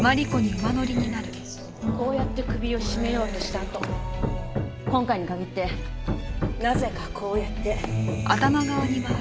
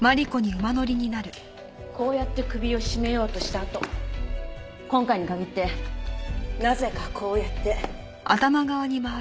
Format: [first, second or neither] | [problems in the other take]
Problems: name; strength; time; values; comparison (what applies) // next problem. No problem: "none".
second | background sound (Acoustic guitar + Hammer); 3 dB below the speech